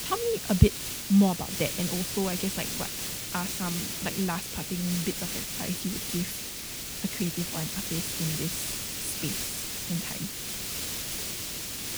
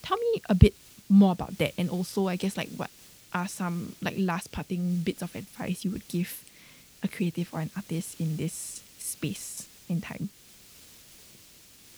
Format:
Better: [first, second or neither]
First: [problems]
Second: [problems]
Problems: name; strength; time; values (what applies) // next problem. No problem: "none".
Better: second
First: hiss; loud; throughout; 1 dB below the speech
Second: hiss; faint; throughout; 20 dB below the speech